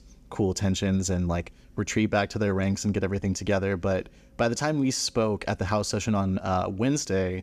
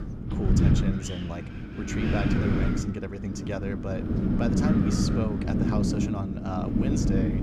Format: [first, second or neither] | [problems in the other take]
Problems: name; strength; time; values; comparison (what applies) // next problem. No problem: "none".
first | wind noise on the microphone; heavy; 3 dB above the speech